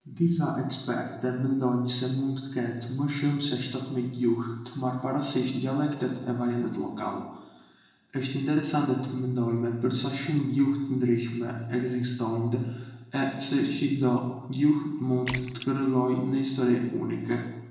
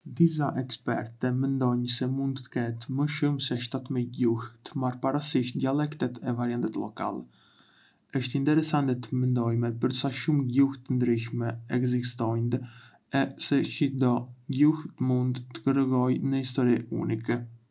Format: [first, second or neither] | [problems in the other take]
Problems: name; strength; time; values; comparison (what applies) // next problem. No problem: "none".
second | background sound (Splash, splatter); 15 dB below the speech // room echo; dies away in 0.9 s